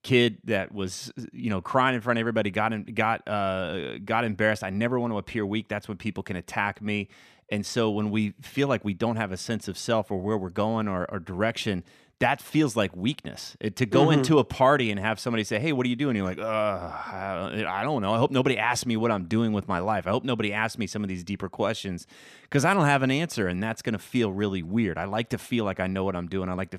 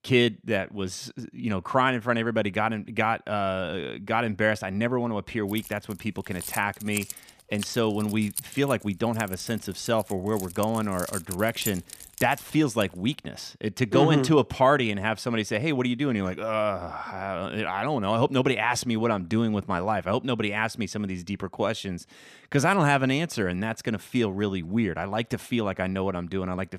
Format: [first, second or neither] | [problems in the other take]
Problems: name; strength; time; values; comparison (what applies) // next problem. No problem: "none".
first | jangling keys; noticeable; from 5.5 to 13 s; peak 6 dB below the speech